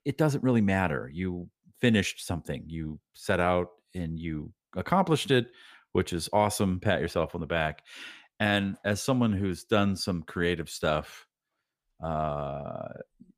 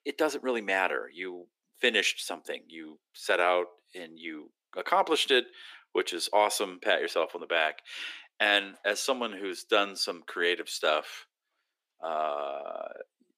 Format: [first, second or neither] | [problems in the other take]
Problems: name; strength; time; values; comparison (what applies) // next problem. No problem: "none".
first | thin; very; fading below 350 Hz